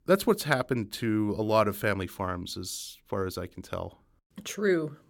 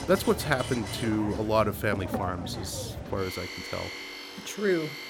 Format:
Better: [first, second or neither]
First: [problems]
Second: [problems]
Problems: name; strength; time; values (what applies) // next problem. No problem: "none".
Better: first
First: none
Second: machinery noise; loud; throughout; 7 dB below the speech